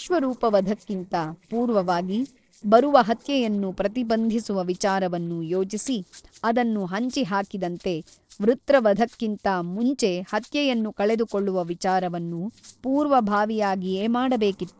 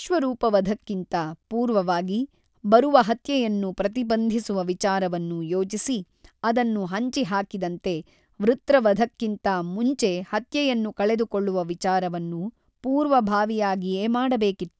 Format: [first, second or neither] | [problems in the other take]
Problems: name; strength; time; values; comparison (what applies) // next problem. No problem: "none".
second | noise reduction (neural separator model SepFormer DNS4)